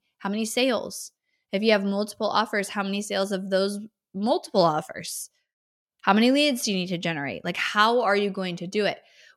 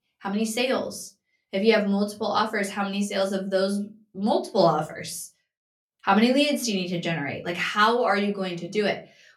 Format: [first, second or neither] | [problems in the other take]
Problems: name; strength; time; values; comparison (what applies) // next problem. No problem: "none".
first | off-mic speech; somewhat distant // room echo; very slight; dies away in 0.2 s